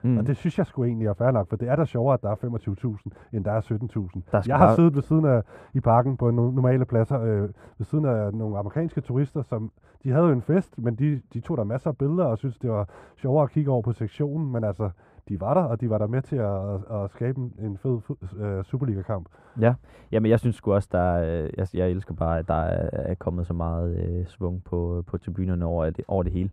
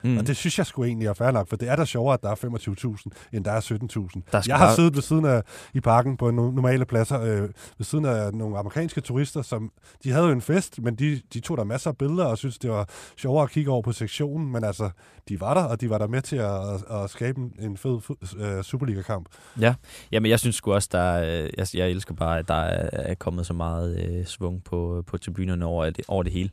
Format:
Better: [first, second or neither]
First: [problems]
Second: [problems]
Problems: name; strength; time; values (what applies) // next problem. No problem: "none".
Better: second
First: muffled; very; fading above 2.5 kHz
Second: none